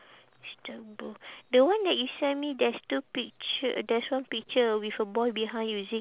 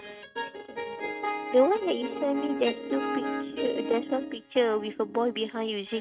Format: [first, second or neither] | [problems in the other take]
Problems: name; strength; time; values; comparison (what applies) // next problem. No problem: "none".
first | noise reduction (neural mask model RNNoise)